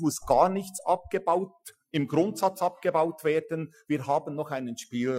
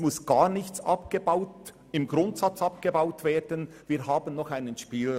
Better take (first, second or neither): second